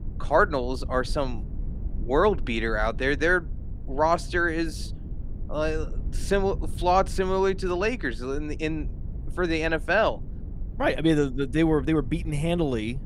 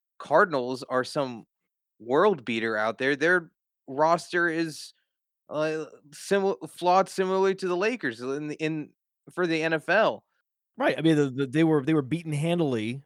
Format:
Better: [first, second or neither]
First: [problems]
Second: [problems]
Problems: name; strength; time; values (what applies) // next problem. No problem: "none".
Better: second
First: low rumble; faint; throughout; 25 dB below the speech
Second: none